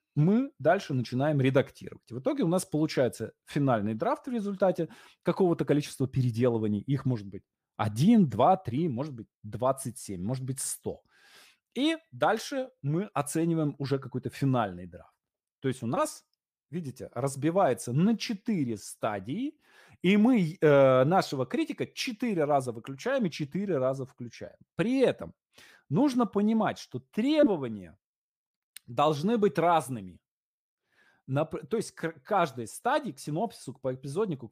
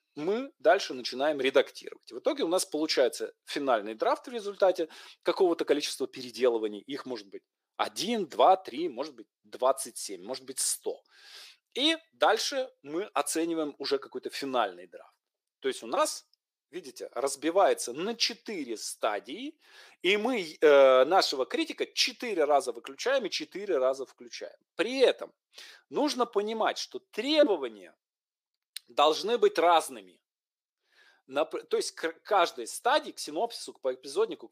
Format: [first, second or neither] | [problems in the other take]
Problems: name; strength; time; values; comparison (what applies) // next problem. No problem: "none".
first | thin; somewhat; fading below 350 Hz